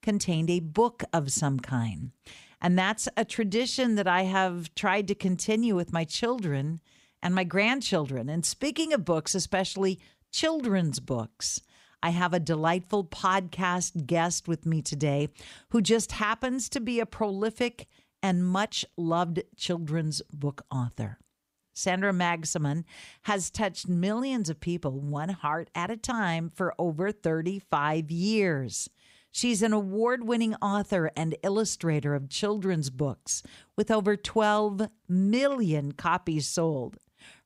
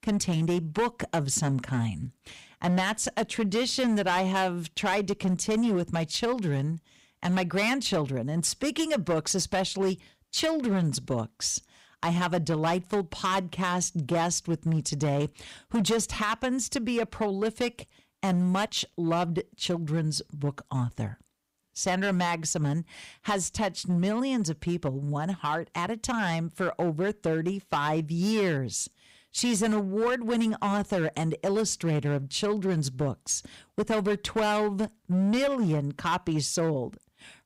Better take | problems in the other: first | distortion; slight; 9% of the sound clipped

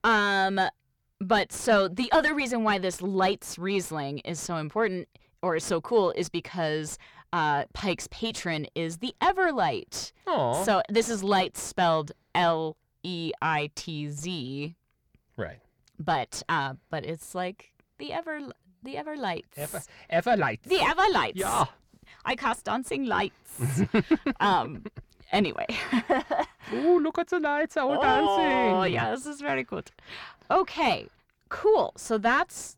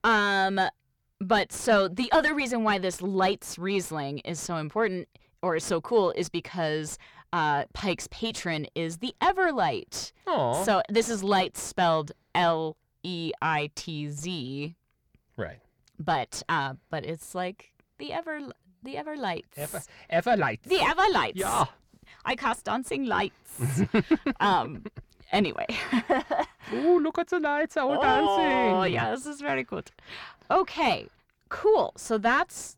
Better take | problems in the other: neither | distortion; slight; 10 dB below the speech; the same in both

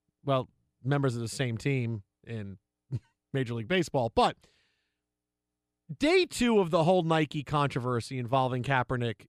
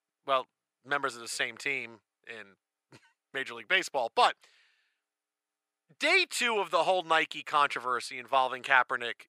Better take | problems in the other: first | thin; very; fading below 700 Hz

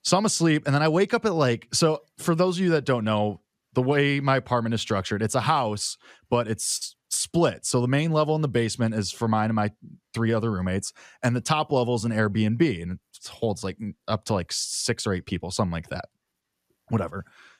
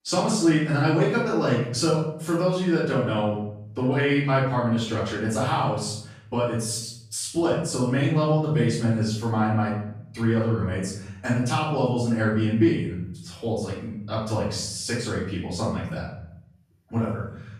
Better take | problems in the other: first | off-mic speech; far // room echo; noticeable; dies away in 0.7 s

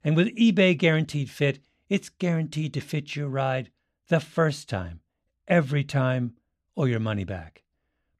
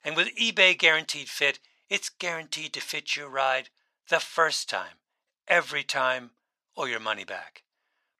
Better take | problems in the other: first | thin; very; fading below 900 Hz

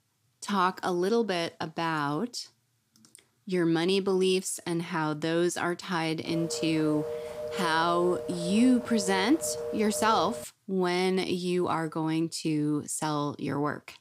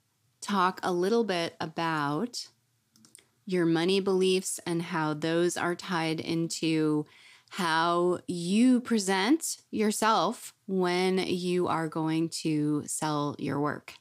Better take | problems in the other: second | phone ringing; noticeable; from 6.5 to 10 s; peak 7 dB below the speech

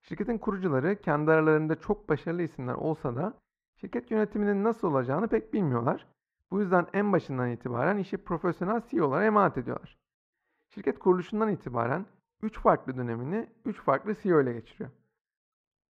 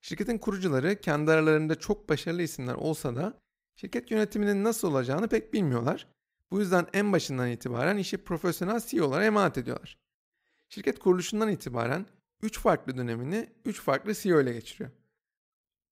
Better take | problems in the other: second | muffled; very; fading above 4 kHz

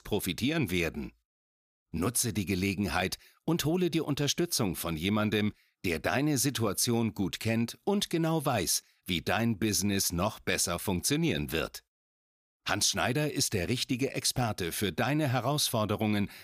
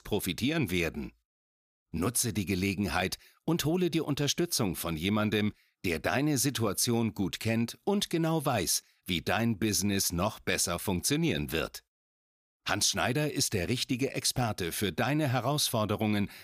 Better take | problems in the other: neither | none

